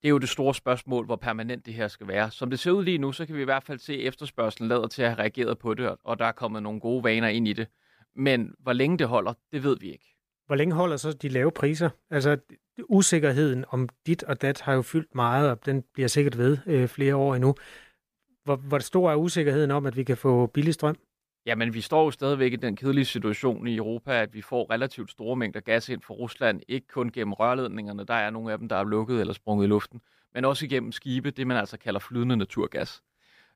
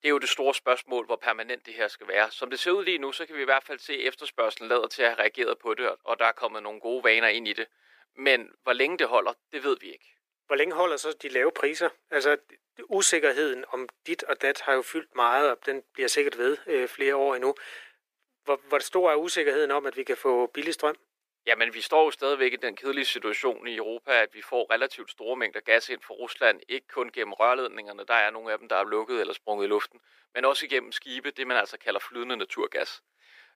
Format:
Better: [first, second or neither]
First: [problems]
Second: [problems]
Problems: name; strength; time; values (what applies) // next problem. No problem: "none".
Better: first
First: none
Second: thin; very; fading below 350 Hz